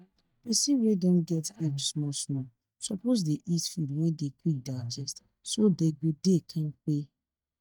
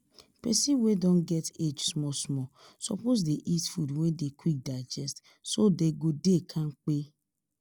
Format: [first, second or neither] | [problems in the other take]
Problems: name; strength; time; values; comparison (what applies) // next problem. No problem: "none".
second | noise reduction (neural mask model DeepFilterNet 3)